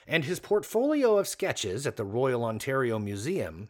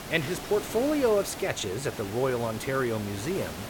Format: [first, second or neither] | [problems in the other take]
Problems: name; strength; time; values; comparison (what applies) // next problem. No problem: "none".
first | hiss; loud; throughout; 10 dB below the speech